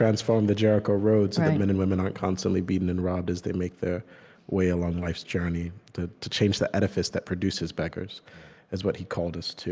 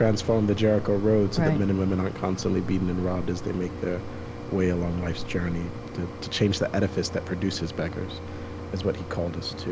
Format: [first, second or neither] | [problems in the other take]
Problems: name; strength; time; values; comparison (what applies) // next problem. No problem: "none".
first | background sound (Mechanisms); 8 dB below the speech